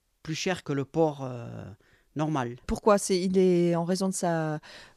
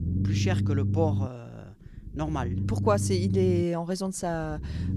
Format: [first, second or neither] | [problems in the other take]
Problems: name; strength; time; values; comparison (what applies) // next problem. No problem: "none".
first | low rumble; loud; throughout; 9 dB below the speech